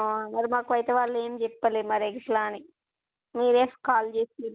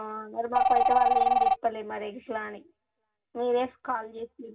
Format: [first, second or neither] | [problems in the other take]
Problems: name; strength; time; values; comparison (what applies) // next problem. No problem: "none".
first | background sound (Telephone); 4 dB above the speech // room echo; dies away in 0.4 s